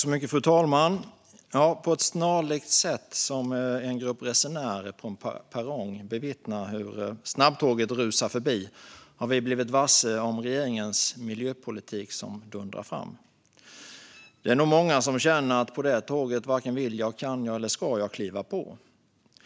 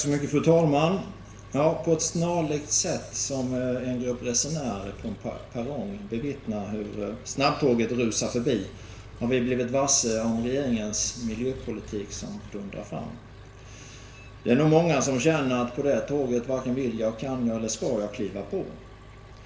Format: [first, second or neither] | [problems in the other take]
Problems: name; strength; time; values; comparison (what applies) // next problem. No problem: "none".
first | background sound (Engine); 17 dB below the speech // room echo; dies away in 0.7 s